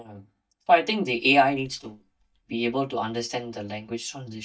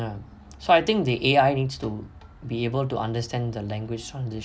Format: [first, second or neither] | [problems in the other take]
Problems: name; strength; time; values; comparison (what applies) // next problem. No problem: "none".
second | noise reduction (neural mask model DeepFilterNet 3)